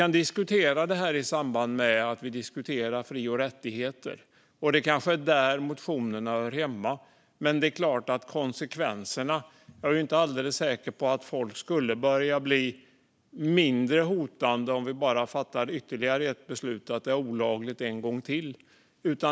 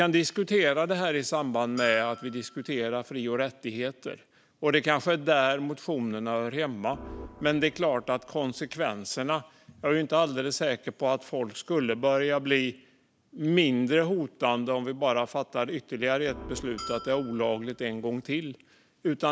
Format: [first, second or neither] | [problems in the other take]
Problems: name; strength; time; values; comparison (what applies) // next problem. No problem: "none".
first | background sound (Bell + Organ); 17 dB below the speech